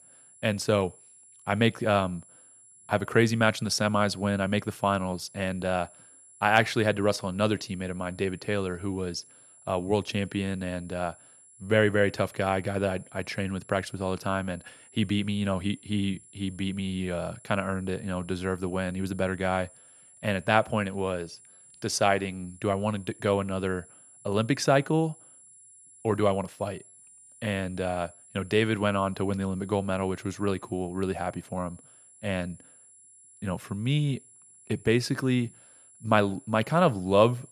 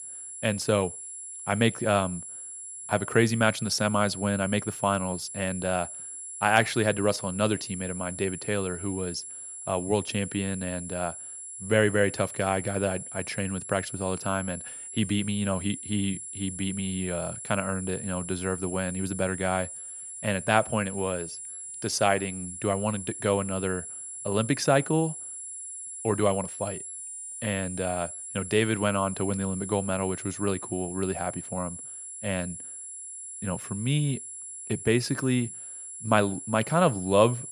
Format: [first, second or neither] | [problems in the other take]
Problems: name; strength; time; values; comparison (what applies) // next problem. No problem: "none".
first | high-pitched whine; loud; throughout; 10.5 kHz, 9 dB below the speech; faint in the first